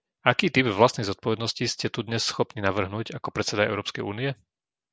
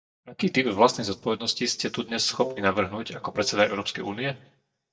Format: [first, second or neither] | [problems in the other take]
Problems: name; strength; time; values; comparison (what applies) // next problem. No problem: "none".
first | noise reduction (neural mask model DeepFilterNet 3)